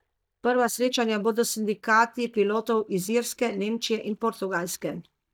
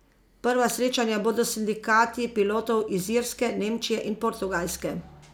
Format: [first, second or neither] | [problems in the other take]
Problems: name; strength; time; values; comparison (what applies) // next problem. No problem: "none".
second | noise reduction (neural mask model DeepFilterNet 3)